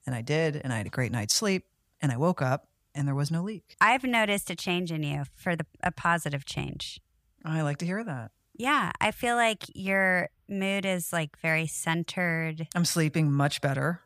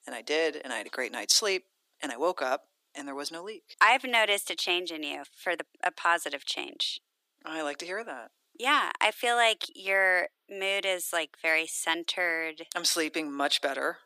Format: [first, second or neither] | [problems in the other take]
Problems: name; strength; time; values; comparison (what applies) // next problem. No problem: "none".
first | thin; very; fading below 300 Hz